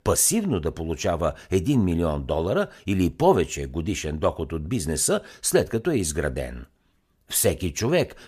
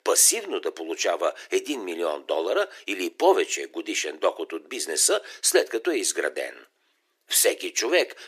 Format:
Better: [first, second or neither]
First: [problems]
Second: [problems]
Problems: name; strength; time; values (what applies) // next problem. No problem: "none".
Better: first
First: none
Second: thin; very; fading below 300 Hz